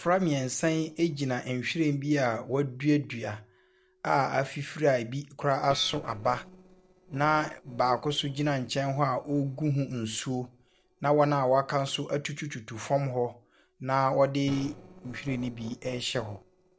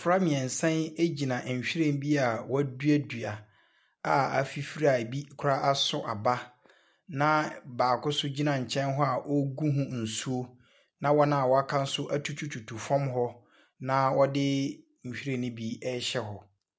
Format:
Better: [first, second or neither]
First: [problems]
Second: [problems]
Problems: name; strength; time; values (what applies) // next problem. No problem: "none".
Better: second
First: noise reduction (neural separator model SepFormer DNS4)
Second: none